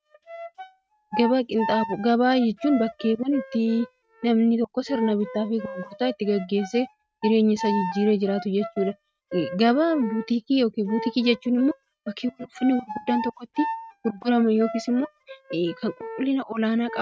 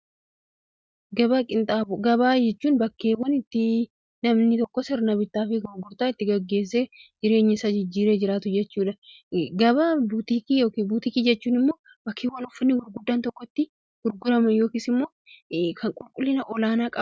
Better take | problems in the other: second | noise reduction (neural mask model RNNoise)

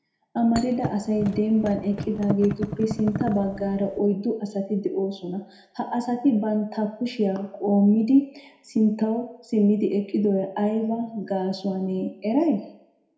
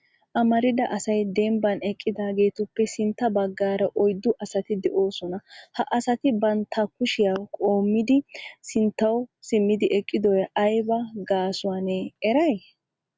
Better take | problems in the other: second | background sound (Thump, thud); 8 dB below the speech // room echo; dies away in 0.6 s

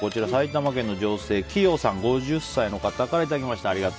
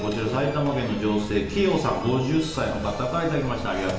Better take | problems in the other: first | background sound (Sink (filling or washing)); 15 dB below the speech // room echo; dies away in 1.1 s

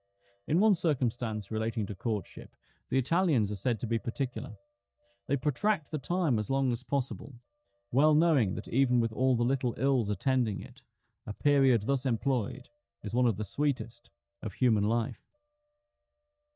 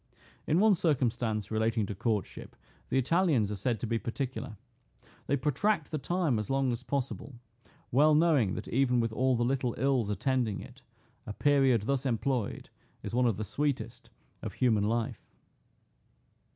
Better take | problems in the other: second | noise reduction (neural mask model DeepFilterNet 3)

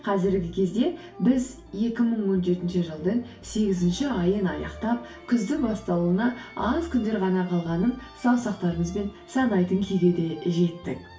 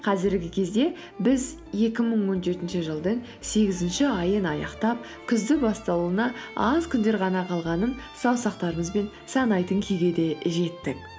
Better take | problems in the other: second | room echo; dies away in 0.3 s

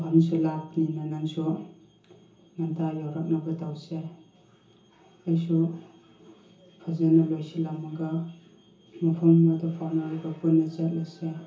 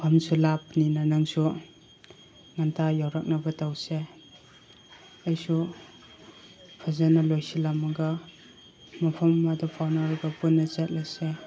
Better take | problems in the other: second | room echo; dies away in 0.6 s

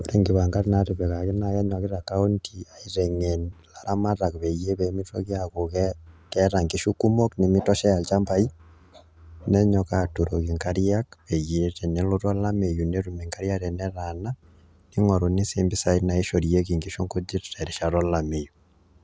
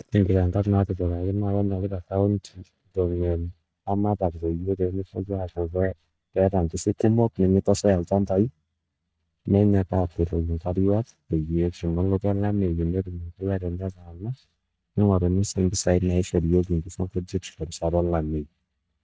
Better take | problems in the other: first | noise reduction (neural mask model DeepFilterNet 3)

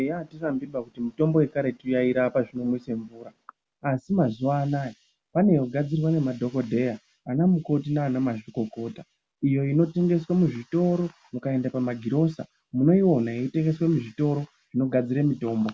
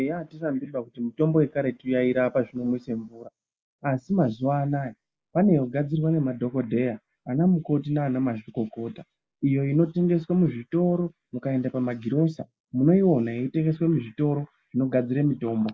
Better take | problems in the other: first | noise reduction (neural mask model Resemble Enhance denoiser)

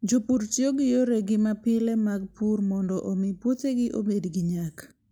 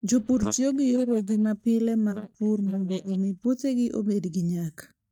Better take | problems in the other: first | noise reduction (neural mask model DeepFilterNet 3)

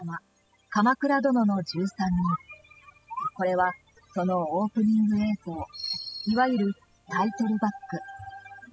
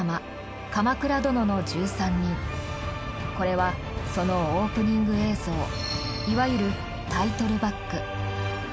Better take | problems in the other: second | noise reduction (classical method spectral subtraction)

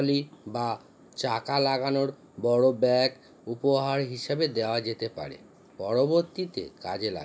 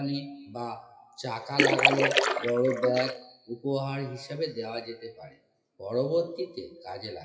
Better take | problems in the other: first | noise reduction (classical method WPE with log-MMSE)

